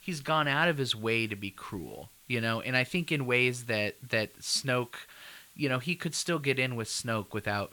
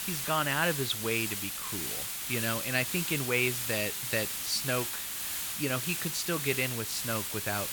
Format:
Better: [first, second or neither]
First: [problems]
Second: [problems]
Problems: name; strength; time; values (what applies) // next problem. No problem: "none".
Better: first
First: hiss; faint; throughout; 25 dB below the speech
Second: hiss; loud; throughout; 1 dB below the speech